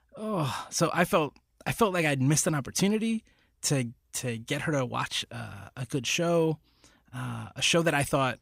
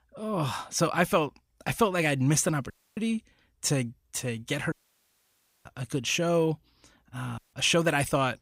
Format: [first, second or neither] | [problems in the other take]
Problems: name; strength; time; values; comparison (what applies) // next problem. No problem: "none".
first | audio cutting out; at 2.5 s, at 4.5 s for 1 s and at 7.5 s